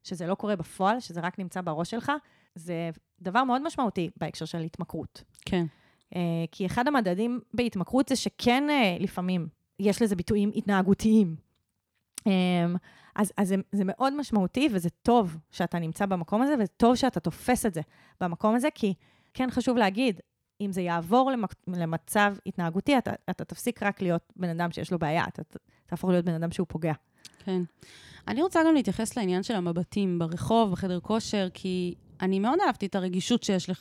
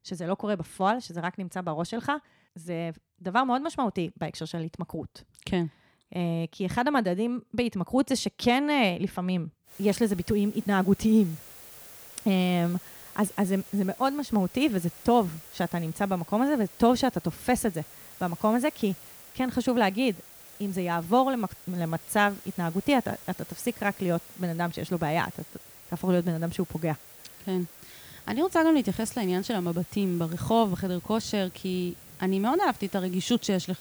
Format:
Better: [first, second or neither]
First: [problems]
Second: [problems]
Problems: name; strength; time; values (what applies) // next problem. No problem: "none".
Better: first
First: none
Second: hiss; noticeable; from 9.5 s on; 20 dB below the speech